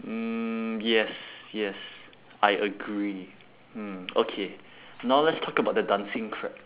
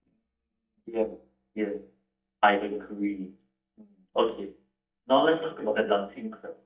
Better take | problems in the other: first | noise reduction (neural mask model DeepFilterNet 3)

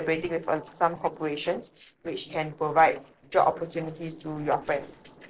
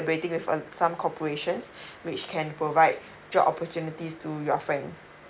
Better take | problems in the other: second | noise reduction (neural separator model SepFormer DNS4)

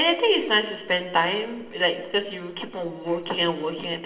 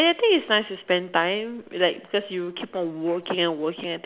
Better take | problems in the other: second | room echo; dies away in 1.5 s

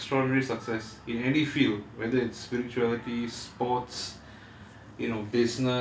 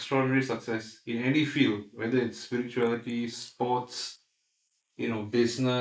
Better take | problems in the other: first | noise reduction (neural mask model Resemble Enhance denoiser)

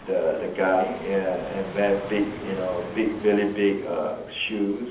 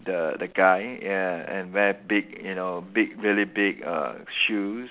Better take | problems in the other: second | background sound (Fixed-wing aircraft, airplane); 15 dB below the speech // room echo; dies away in 0.7 s

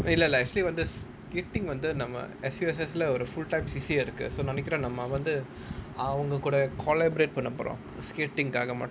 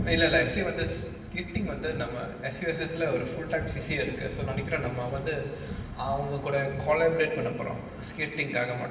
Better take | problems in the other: first | room echo; dies away in 1.2 s

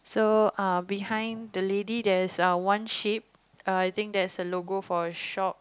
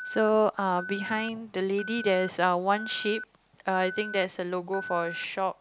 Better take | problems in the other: first | background sound (Alarm); 12 dB below the speech

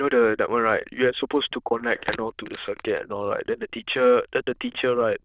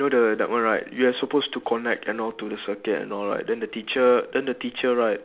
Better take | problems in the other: second | noise reduction (neural diffusion model UNIVERSE++)

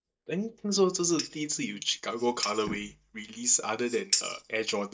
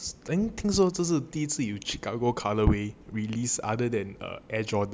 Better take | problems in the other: second | noise reduction (neural mask model DeepFilterNet 3)

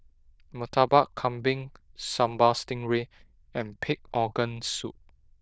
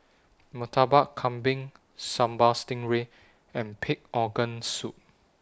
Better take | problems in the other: second | noise reduction (neural diffusion model UNIVERSE++)

